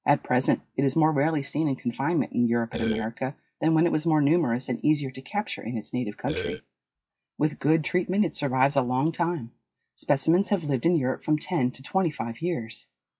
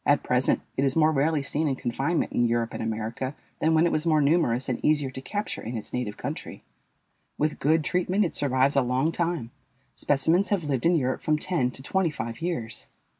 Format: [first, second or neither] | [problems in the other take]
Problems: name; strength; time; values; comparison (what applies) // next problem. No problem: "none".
second | noise reduction (classical method log-MMSE)